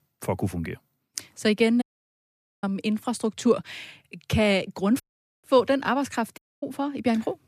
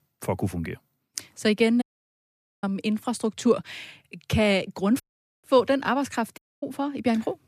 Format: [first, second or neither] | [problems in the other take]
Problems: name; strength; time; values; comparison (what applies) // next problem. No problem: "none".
neither | audio cutting out; at 2 s for 1 s, at 5 s and at 6.5 s; the same in both